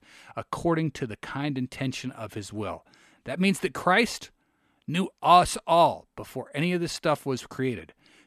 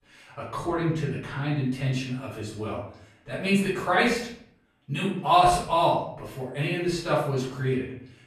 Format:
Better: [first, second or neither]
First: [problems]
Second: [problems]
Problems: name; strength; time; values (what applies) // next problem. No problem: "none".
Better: first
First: none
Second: off-mic speech; far // room echo; noticeable; dies away in 0.6 s